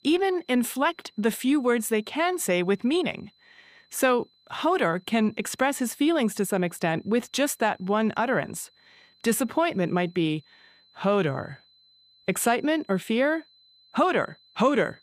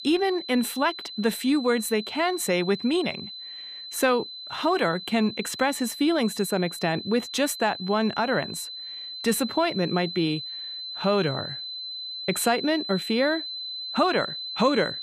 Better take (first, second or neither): first